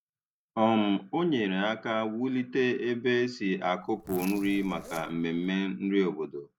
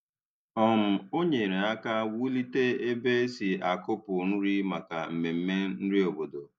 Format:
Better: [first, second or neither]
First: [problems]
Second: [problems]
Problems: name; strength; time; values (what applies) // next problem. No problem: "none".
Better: second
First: background sound (Zipper (clothing)); 17 dB below the speech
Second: none